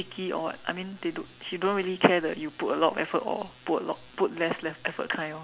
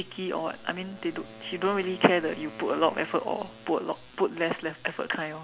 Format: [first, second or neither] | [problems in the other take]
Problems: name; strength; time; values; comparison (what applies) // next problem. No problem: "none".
first | background sound (Wind instrument, woodwind instrument); 19 dB below the speech